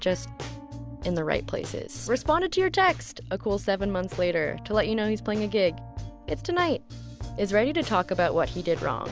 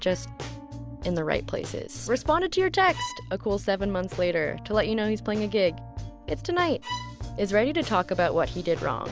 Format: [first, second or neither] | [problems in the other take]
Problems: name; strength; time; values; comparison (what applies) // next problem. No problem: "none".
first | background sound (Bowed string instrument); 13 dB below the speech